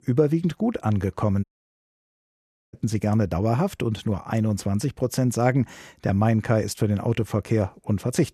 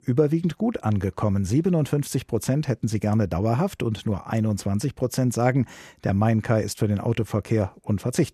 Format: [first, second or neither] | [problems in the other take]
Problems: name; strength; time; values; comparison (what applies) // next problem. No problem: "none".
second | audio cutting out; at 1.5 s for 1.5 s